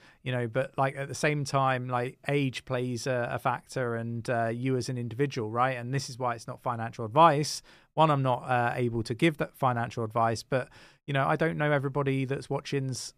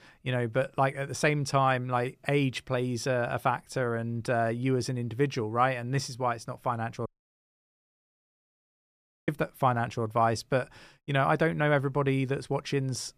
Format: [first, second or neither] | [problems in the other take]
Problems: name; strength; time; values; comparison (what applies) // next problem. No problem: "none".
first | audio cutting out; at 7 s for 2 s